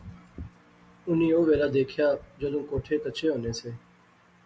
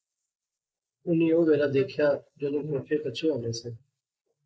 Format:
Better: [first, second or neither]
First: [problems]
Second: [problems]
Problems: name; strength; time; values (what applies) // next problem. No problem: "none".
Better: first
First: none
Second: noise reduction (neural mask model Resemble Enhance denoiser)